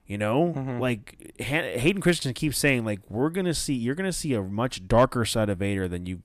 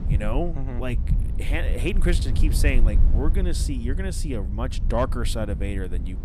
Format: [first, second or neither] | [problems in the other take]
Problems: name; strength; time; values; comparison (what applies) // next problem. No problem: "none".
first | low rumble; noticeable; throughout; 10 dB below the speech